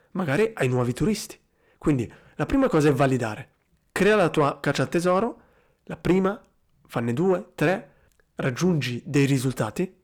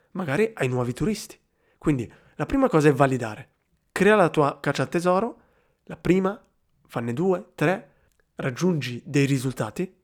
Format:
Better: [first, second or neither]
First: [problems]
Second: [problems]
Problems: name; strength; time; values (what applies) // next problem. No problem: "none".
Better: second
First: distortion; slight; 10 dB below the speech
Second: none